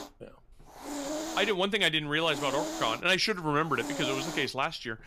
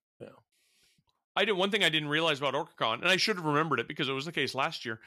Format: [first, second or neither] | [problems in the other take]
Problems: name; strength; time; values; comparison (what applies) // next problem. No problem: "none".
second | hiss; loud; throughout; 9 dB below the speech